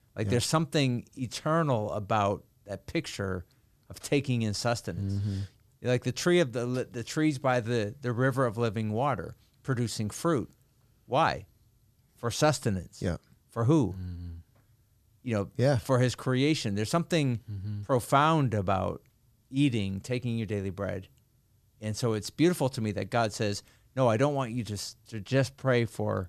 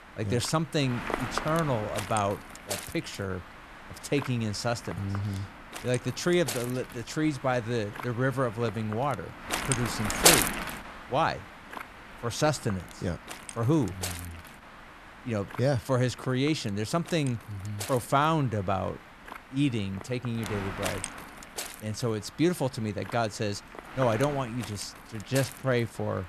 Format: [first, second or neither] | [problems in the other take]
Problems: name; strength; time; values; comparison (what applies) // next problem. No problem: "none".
first | wind noise on the microphone; heavy; 3 dB below the speech